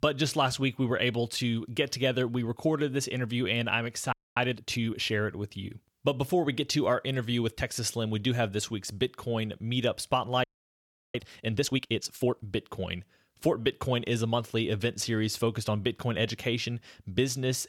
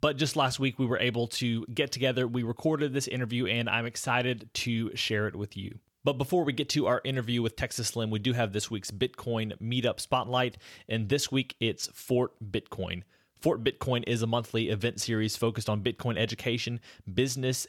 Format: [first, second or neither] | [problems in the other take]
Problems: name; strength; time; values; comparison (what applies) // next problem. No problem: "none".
second | audio freezing; at 4 s and at 10 s for 0.5 s